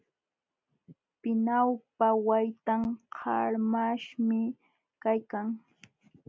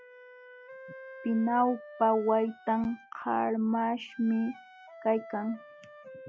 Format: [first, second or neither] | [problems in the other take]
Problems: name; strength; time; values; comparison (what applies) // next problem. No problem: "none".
first | noise reduction (classical method log-MMSE)